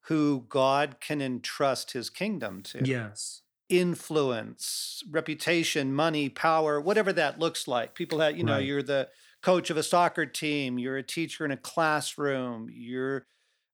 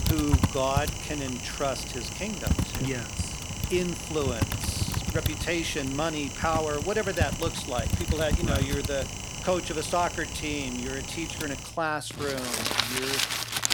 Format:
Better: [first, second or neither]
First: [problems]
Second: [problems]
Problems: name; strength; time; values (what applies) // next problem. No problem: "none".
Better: first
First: none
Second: household noises; very loud; throughout; as loud as the speech